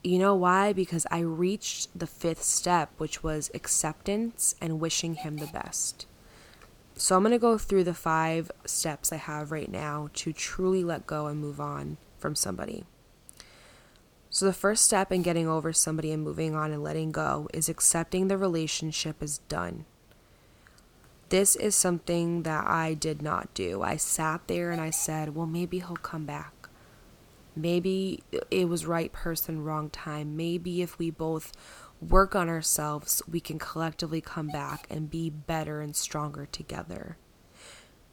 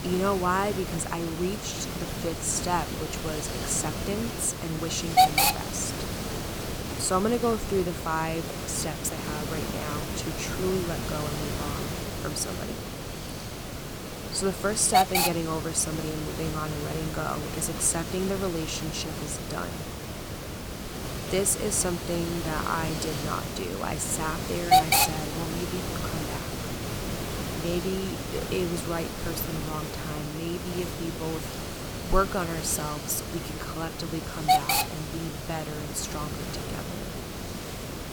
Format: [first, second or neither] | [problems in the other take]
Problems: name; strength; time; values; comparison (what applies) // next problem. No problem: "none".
first | hiss; loud; throughout; as loud as the speech; faint in the first